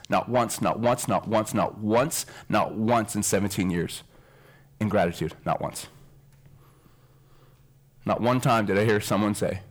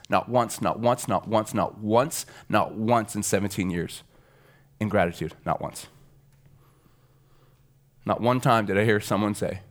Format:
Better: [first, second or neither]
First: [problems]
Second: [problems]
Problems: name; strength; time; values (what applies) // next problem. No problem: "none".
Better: second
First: distortion; slight; 10 dB below the speech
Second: none